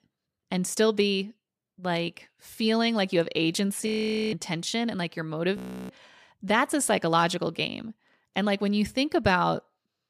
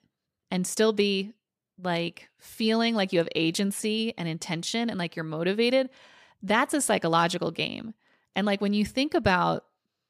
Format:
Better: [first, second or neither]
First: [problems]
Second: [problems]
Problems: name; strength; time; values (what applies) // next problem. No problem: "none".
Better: second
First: audio freezing; at 4 s and at 5.5 s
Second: none